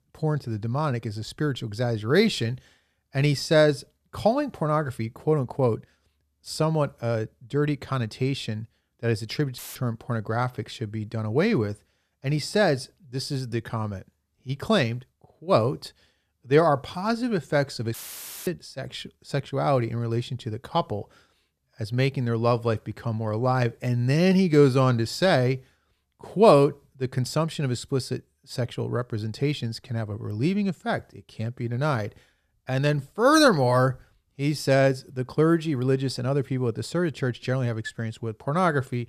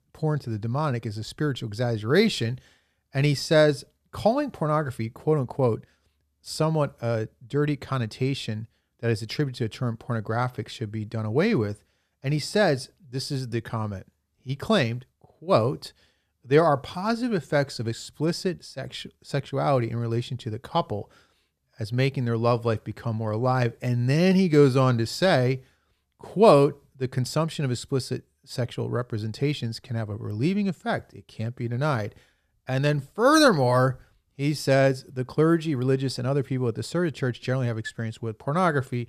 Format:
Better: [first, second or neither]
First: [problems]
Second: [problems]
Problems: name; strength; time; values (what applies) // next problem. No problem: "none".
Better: second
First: audio cutting out; filled with static; at 9.5 s and at 18 s for 0.5 s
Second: none